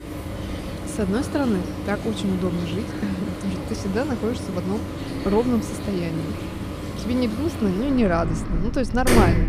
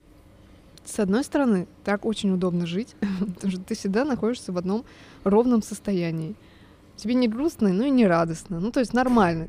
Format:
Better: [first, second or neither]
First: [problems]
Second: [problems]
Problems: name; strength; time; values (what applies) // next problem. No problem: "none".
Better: second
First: household noises; loud; throughout; 3 dB below the speech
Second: household noises; faint; throughout; 25 dB below the speech